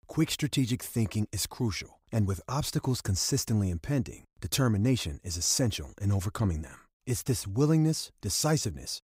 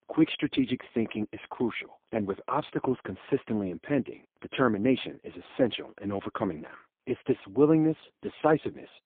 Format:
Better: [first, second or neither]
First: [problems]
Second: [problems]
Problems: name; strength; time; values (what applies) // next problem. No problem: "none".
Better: first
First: none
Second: phone-call audio; poor line